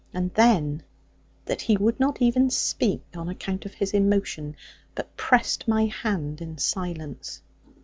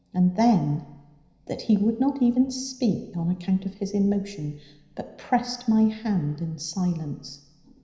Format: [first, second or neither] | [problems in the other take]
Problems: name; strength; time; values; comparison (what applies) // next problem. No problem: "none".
first | room echo; dies away in 0.9 s